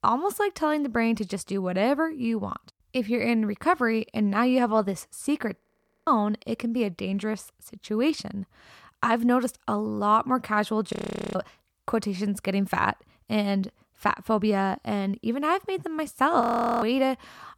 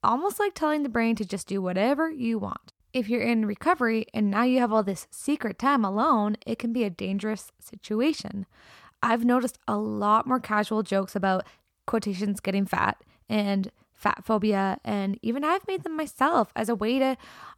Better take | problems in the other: second | audio freezing; at 5.5 s, at 11 s and at 16 s

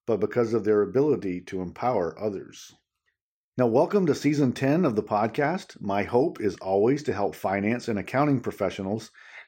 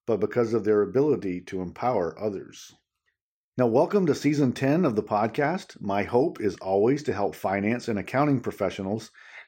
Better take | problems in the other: neither | none

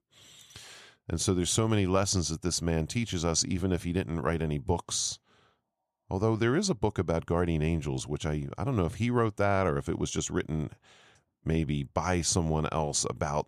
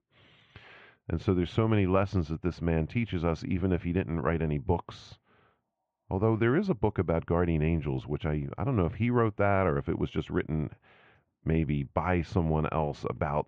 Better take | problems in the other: first | muffled; very; fading above 2.5 kHz

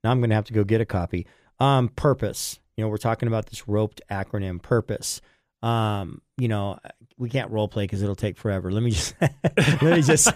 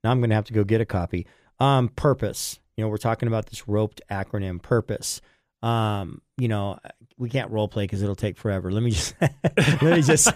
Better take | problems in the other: neither | none

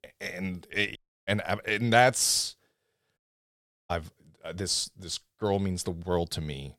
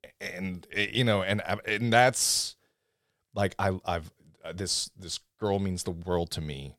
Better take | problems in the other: second | audio cutting out; at 1 s and at 3 s for 0.5 s

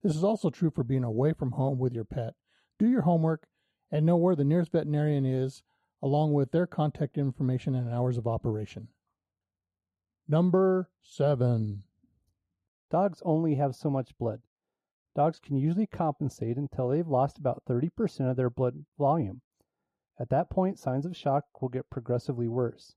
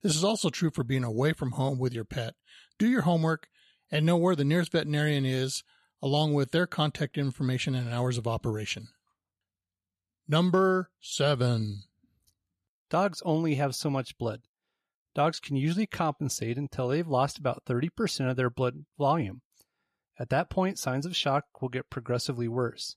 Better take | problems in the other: second | muffled; very; fading above 1 kHz

